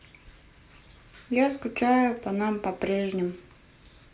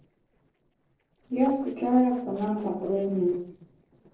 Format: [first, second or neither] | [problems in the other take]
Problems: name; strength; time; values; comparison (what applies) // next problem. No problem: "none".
first | noise reduction (neural separator model SepFormer DNS4)